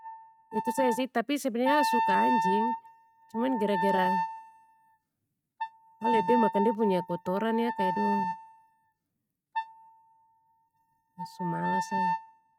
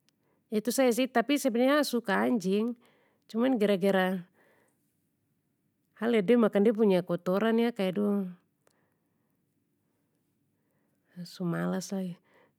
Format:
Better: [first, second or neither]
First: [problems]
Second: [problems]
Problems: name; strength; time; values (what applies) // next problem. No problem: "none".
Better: second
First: noise reduction (neural mask model RNNoise)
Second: none